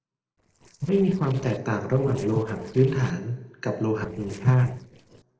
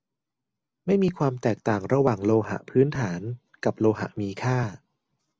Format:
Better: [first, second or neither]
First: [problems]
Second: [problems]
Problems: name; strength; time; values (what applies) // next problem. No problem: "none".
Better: second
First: noise reduction (neural separator model SepFormer DNS4)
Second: none